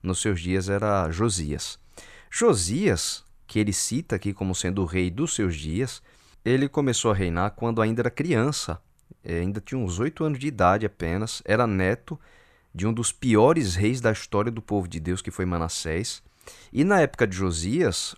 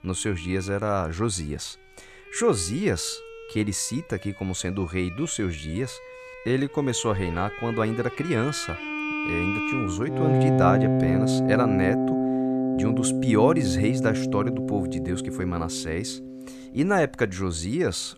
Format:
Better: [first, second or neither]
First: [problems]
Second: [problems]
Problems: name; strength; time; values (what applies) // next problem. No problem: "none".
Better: first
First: none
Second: background music; very loud; throughout; 1 dB above the speech